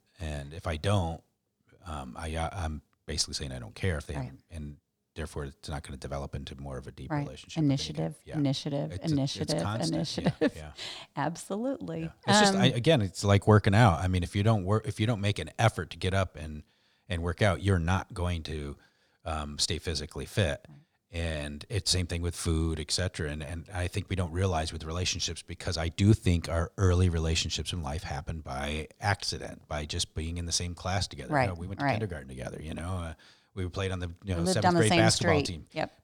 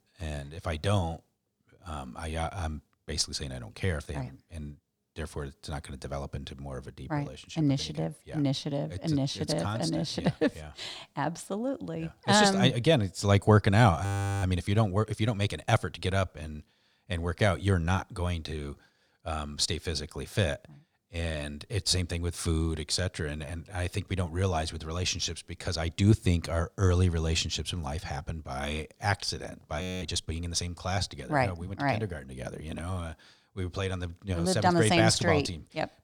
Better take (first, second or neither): first